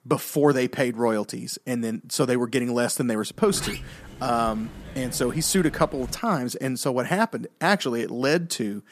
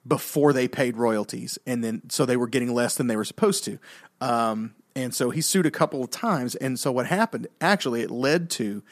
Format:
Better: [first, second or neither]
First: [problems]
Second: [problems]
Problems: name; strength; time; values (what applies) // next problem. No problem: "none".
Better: second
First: door banging; noticeable; from 3.5 to 6 s; peak 8 dB below the speech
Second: none